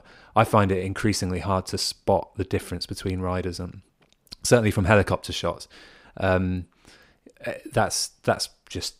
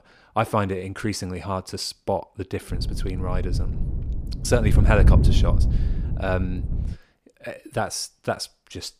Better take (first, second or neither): first